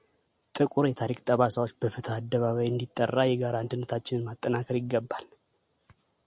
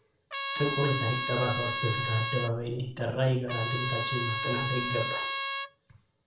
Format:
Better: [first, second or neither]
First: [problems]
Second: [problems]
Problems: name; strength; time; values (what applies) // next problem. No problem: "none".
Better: first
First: none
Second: background sound (Trumpet); 2 dB below the speech // room echo; dies away in 0.3 s